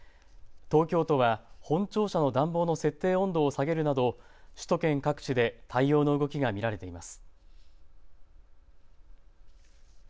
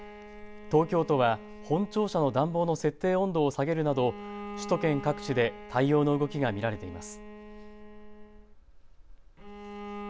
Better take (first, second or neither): first